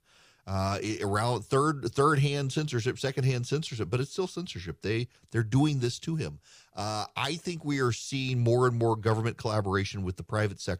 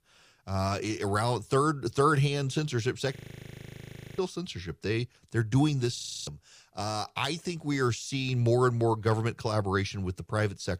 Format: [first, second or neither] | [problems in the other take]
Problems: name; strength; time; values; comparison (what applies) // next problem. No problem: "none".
first | audio freezing; at 3 s for 1 s and at 6 s